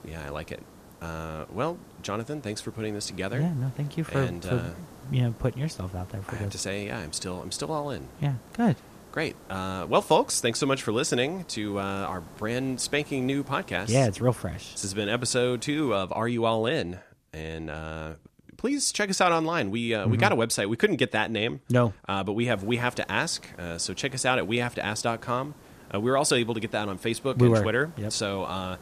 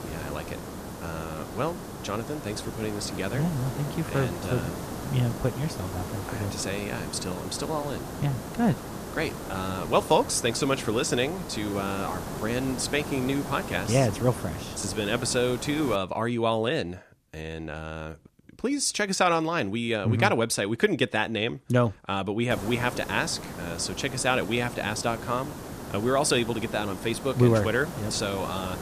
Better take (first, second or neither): first